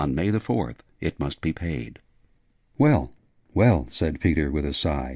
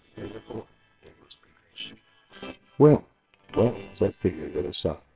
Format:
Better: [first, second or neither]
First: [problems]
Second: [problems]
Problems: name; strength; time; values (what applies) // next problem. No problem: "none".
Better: first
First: none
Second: noise reduction (neural separator model SepFormer WHAMR!)